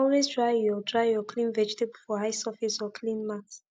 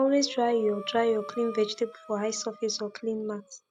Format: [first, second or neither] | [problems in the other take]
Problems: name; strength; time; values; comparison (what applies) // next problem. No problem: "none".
first | background sound (Breathing); 17 dB below the speech